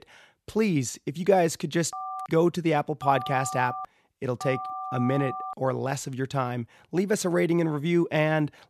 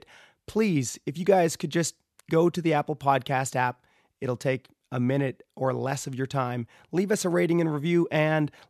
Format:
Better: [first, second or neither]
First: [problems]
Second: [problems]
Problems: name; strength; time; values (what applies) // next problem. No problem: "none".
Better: second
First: phone ringing; noticeable; from 2 to 5.5 s; peak 7 dB below the speech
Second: none